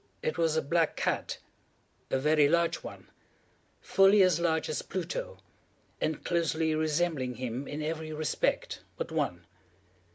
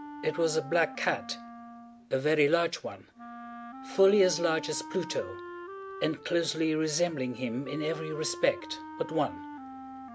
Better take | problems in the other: first | background sound (Wind instrument, woodwind instrument); 13 dB below the speech

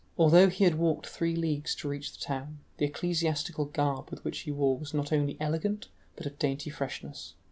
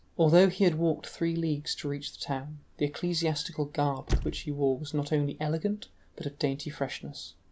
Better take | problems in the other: first | background sound (Squeak / Slam); 7 dB below the speech

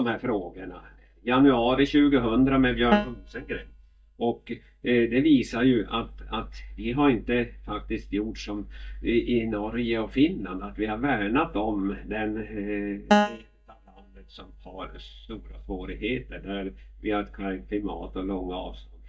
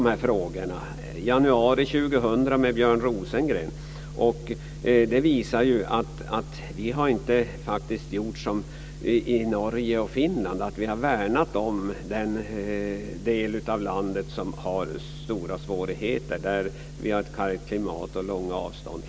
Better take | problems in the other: second | noise reduction (neural mask model DeepFilterNet 3)

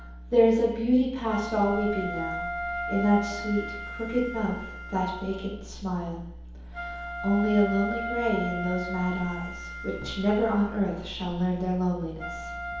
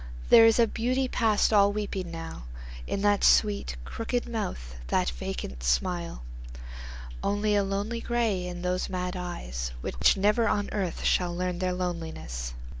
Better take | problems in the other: second | background sound (Wind instrument, woodwind instrument); 10 dB below the speech // room echo; dies away in 2.2 s

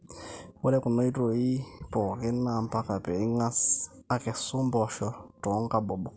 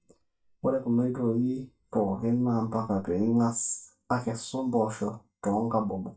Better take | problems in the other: first | noise reduction (neural mask model DeepFilterNet 3)

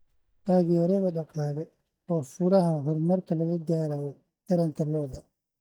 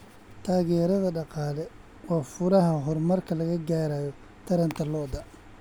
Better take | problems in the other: second | noise reduction (neural mask model DeepFilterNet 3)

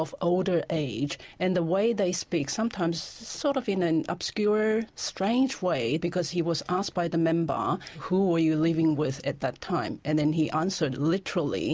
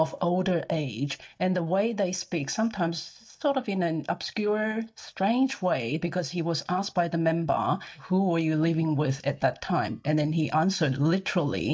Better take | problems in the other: first | noise reduction (neural mask model DeepFilterNet 3)

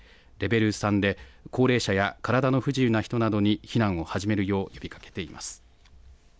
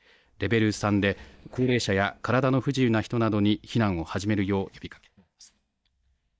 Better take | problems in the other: first | noise reduction (neural mask model DeepFilterNet 3)

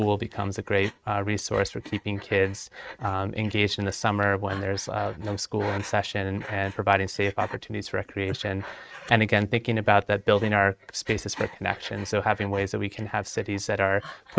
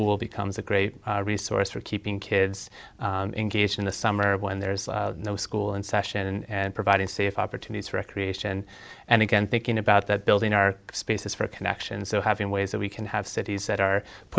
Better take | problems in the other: second | noise reduction (neural mask model RNNoise)

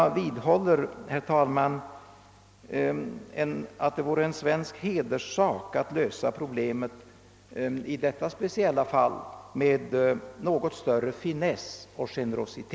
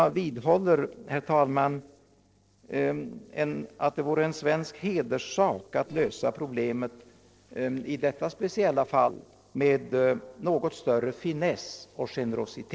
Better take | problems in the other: first | noise reduction (neural separator model SepFormer DNS4)

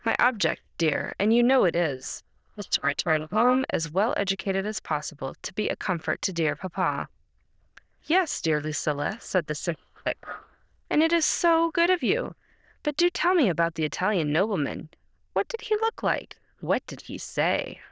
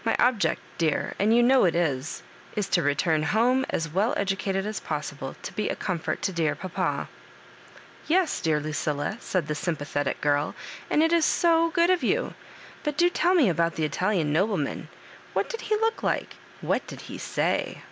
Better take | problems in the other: second | noise reduction (neural diffusion model UNIVERSE++)

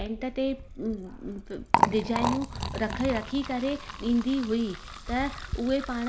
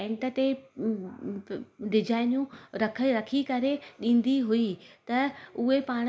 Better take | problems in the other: second | background sound (Liquid); 3 dB below the speech

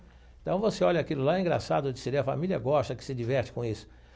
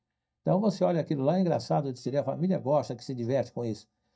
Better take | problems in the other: first | noise reduction (neural mask model DeepFilterNet 3)

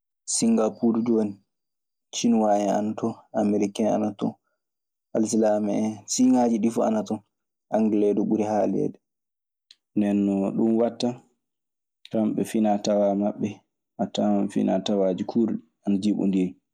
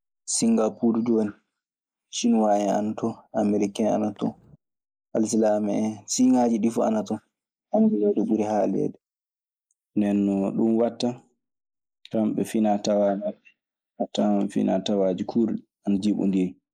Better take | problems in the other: first | noise reduction (neural mask model Resemble Enhance denoiser)

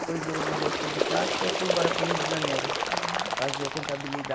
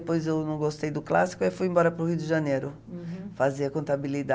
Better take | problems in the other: second | background sound (Bird); 4 dB above the speech

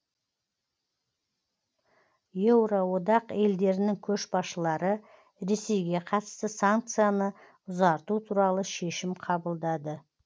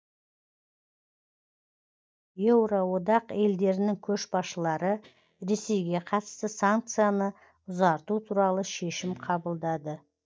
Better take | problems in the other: first | noise reduction (neural mask model DeepFilterNet 3)

